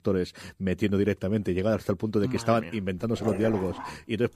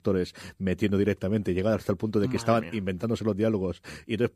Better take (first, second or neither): second